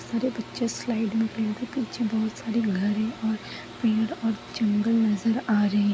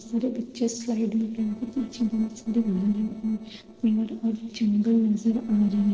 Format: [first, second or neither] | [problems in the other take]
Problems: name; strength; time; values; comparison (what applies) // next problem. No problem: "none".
first | noise reduction (neural separator model SepFormer DNS4)